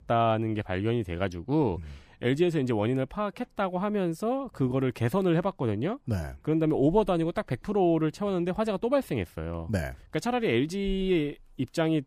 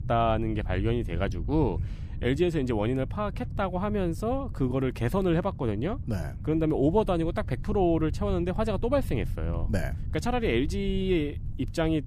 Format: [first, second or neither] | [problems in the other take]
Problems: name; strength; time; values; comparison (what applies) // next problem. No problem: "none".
first | low rumble; faint; throughout; 20 dB below the speech